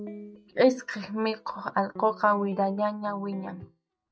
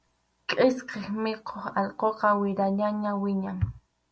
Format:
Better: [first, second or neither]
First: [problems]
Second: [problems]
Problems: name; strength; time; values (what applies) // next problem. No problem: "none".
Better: second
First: noise reduction (neural mask model DeepFilterNet 3)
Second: none